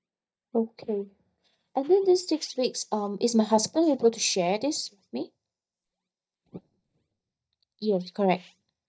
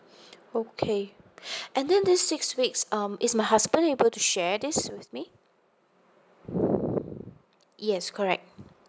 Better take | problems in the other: second | noise reduction (neural mask model DeepFilterNet 3)

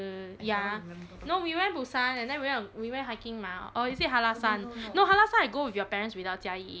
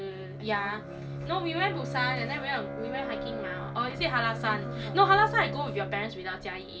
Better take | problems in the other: first | background sound (Bowed string instrument); 6 dB below the speech // room echo; dies away in 0.2 s

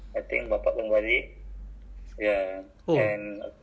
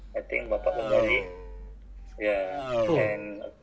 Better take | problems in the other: first | background sound (Race car, auto racing); 4 dB below the speech

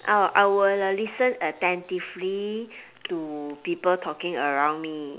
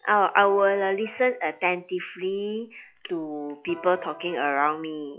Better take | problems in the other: first | noise reduction (classical method log-MMSE)

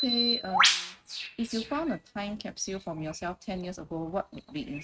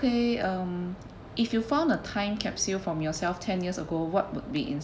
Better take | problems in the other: second | noise reduction (neural mask model RNNoise)

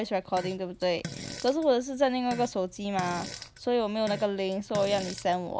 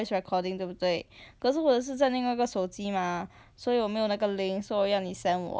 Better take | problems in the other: second | background sound (Fart); 13 dB below the speech

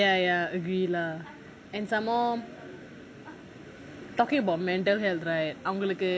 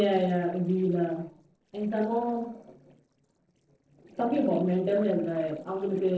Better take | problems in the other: first | noise reduction (neural separator model SepFormer DNS4)

